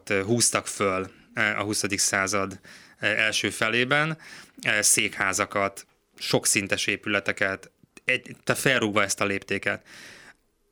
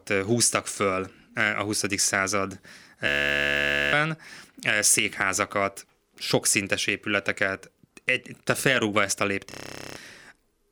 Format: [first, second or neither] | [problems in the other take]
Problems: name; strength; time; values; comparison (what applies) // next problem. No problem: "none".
first | audio freezing; at 3 s for 1 s and at 9.5 s